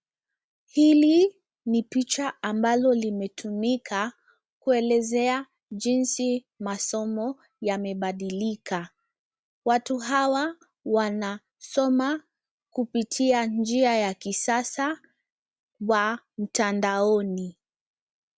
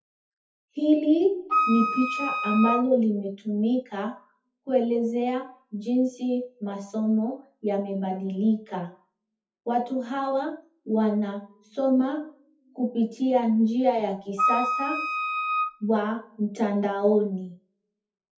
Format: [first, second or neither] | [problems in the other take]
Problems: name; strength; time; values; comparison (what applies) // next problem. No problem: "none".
first | noise reduction (classical method WPE with log-MMSE)